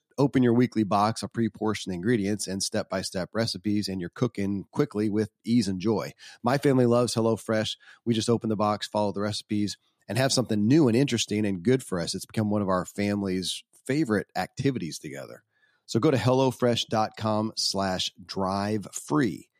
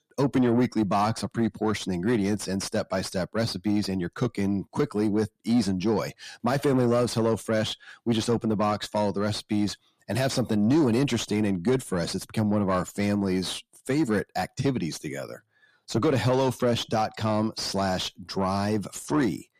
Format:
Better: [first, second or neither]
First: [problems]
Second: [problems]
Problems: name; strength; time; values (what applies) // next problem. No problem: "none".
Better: first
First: none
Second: distortion; slight; 10 dB below the speech